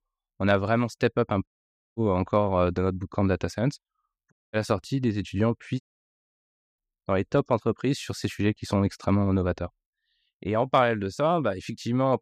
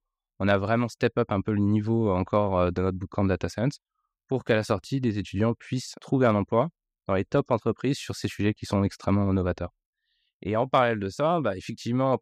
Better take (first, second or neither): second